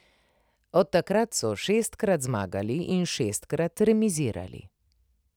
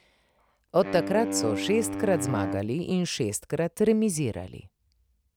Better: first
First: none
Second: background sound (Wind instrument, woodwind instrument); 6 dB below the speech

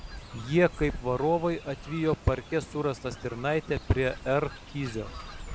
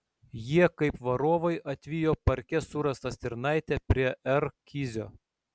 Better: second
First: background sound (Fowl); 13 dB below the speech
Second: none

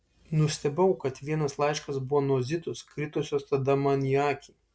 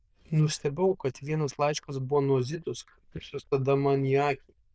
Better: first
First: none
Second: noise reduction (neural diffusion model UNIVERSE++)

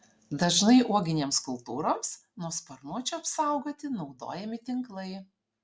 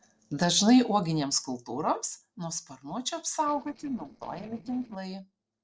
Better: first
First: none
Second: noise reduction (neural separator model SepFormer DNS4)

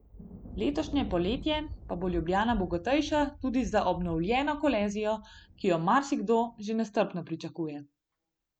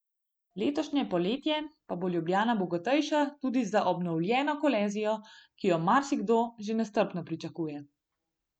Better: second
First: background sound (Thunder); 14 dB below the speech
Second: none

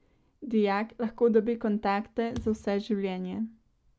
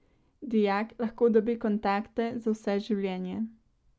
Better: second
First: background sound (Thump, thud); 17 dB below the speech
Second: none

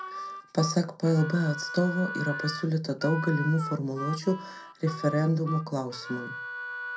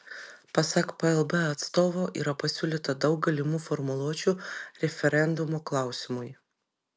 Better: second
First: background sound (Harmonica); 9 dB below the speech // room echo; dies away in 0.2 s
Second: none

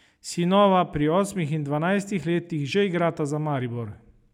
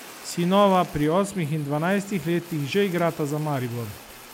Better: first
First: none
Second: background sound (Fire); 19 dB below the speech

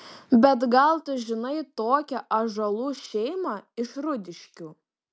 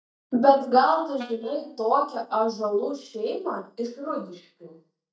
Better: first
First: none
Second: noise reduction (neural mask model DeepFilterNet 3)

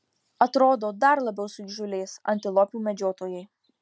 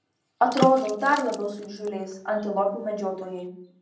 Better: first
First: none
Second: background sound (Water / Splash, splatter); 10 dB below the speech // room echo; dies away in 0.6 s

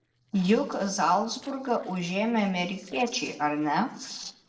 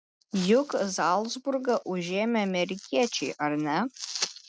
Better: second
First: noise reduction (neural separator model SepFormer DNS4)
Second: none

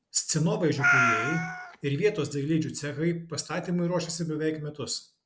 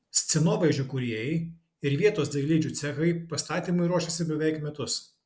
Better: second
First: background sound (Meow); 2 dB above the speech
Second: none

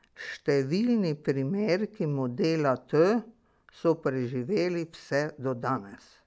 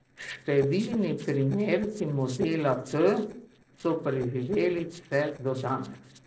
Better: first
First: none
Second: noise reduction (neural separator model SepFormer DNS4)

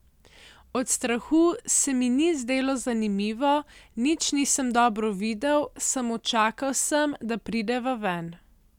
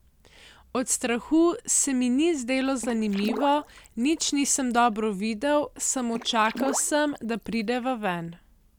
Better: first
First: none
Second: background sound (Water / Splash, splatter); 13 dB below the speech

